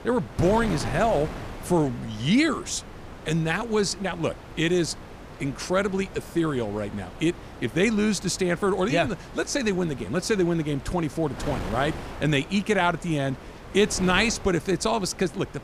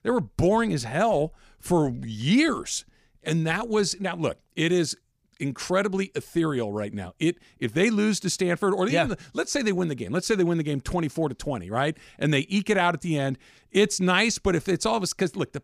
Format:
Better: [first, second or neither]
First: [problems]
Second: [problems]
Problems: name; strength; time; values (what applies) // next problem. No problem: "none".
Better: second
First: wind noise on the microphone; occasional gusts; 15 dB below the speech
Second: none